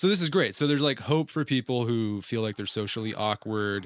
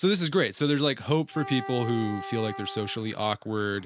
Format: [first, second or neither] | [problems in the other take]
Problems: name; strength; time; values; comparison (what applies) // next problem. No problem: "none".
first | background sound (Wind instrument, woodwind instrument); 12 dB below the speech